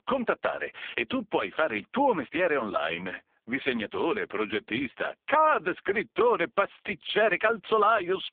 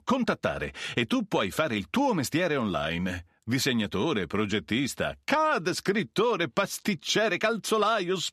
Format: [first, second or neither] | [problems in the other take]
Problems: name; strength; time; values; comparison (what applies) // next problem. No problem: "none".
second | phone-call audio; poor line